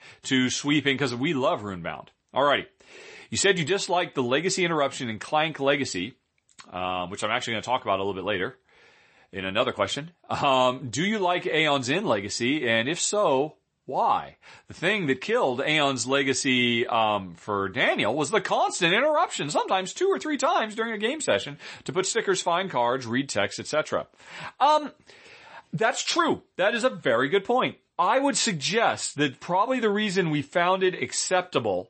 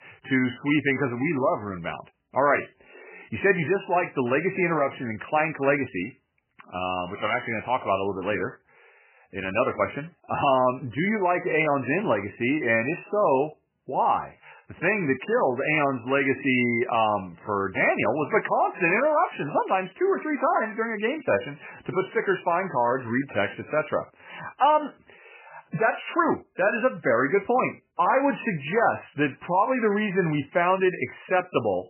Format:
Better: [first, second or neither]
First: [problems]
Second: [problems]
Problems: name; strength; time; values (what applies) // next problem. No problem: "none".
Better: first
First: garbled, watery; slightly; nothing above 8 kHz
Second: garbled, watery; badly; nothing above 3 kHz